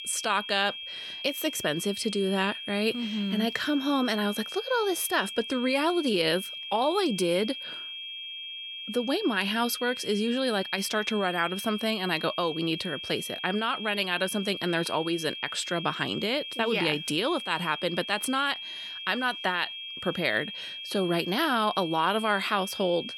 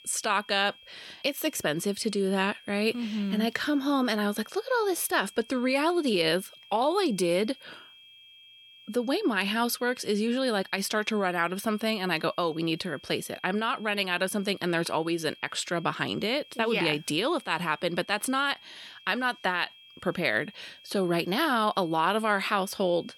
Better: second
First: high-pitched whine; loud; throughout; 3 kHz, 8 dB below the speech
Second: high-pitched whine; faint; throughout; 3 kHz, 20 dB below the speech

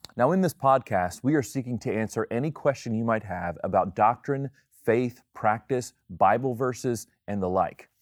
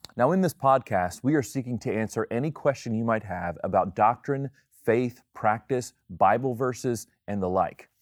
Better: neither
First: none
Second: none

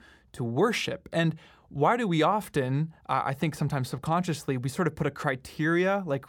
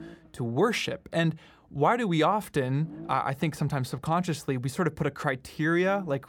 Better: first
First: none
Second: low rumble; faint; throughout; 25 dB below the speech

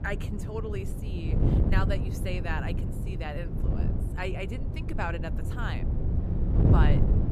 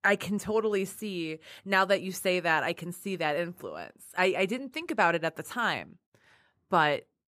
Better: second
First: wind noise on the microphone; heavy; 3 dB below the speech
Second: none

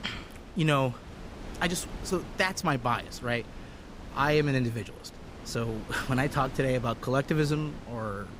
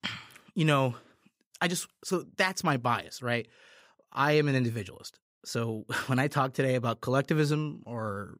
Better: second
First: wind noise on the microphone; occasional gusts; 15 dB below the speech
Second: none

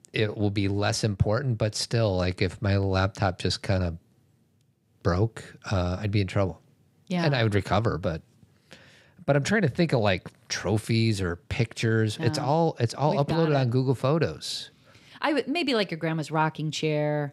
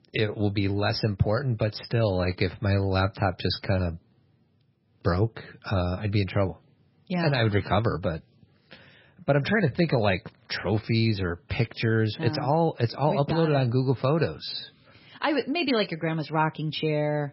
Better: first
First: none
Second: garbled, watery; badly; nothing above 5.5 kHz

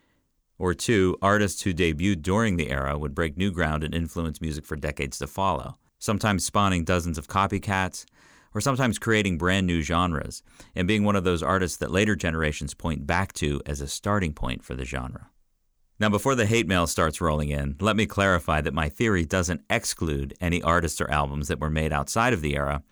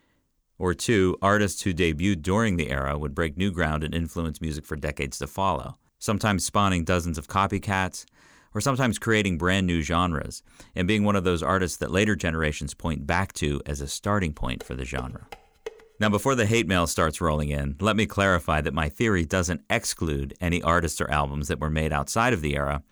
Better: first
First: none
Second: clattering dishes; faint; from 15 to 16 s; peak 15 dB below the speech

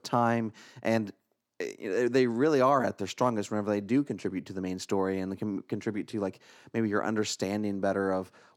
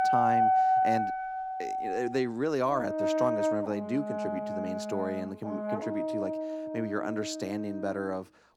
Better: first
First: none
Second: background music; very loud; throughout; 3 dB above the speech

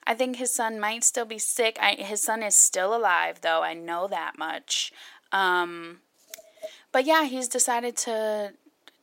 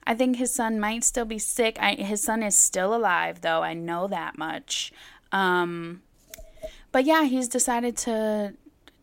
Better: second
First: thin; somewhat; fading below 400 Hz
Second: none

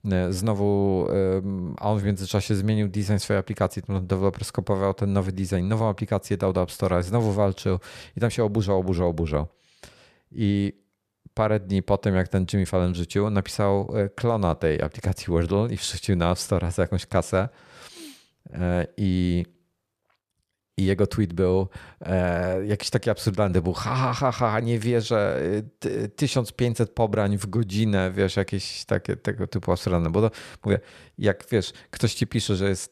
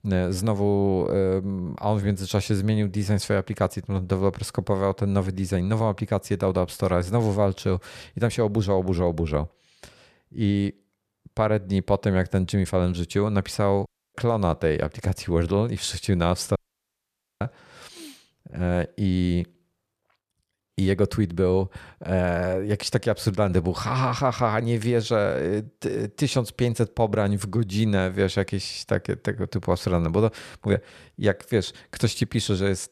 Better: first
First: none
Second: audio cutting out; at 14 s and at 17 s for 1 s

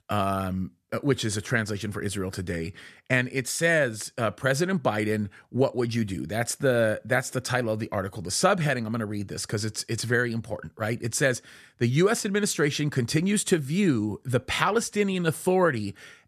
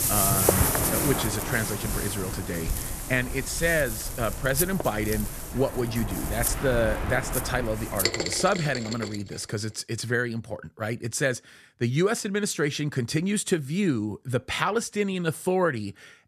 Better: first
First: none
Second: rain or running water; loud; until 9 s; 1 dB below the speech

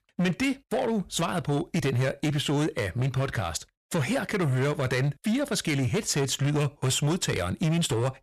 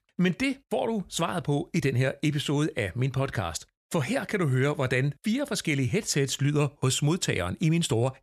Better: second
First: distortion; slight; 16% of the sound clipped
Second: none

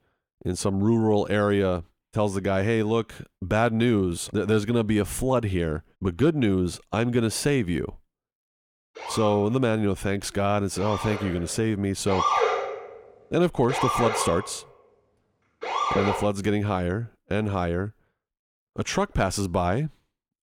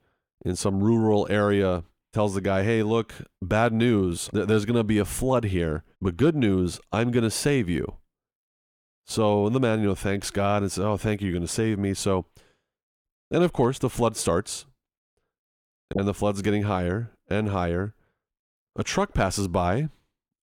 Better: second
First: siren; loud; from 9 to 16 s; peak 3 dB above the speech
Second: none

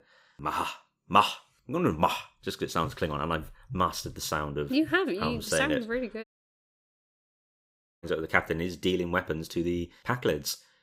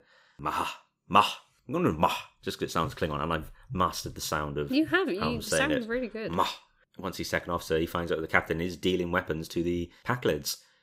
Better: second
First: audio cutting out; at 6 s for 2 s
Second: none

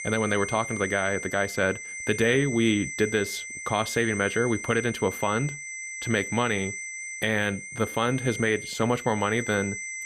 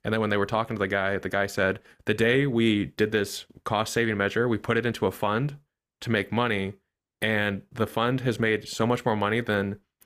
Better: second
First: high-pitched whine; loud; throughout; 2 kHz, 7 dB below the speech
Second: none

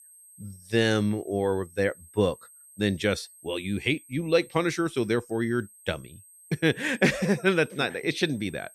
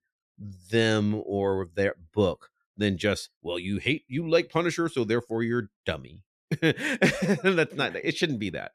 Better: second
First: high-pitched whine; faint; throughout; 8.5 kHz, 25 dB below the speech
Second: none

